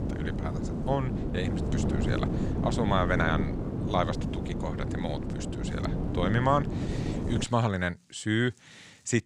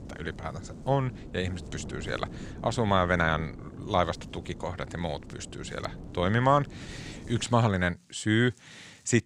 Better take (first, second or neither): second